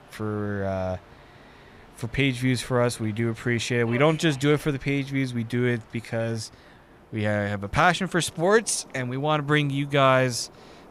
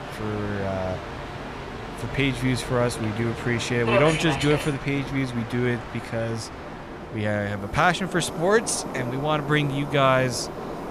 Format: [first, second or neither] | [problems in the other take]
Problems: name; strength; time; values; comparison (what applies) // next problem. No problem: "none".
first | train or aircraft noise; loud; throughout; 7 dB below the speech; faint in the first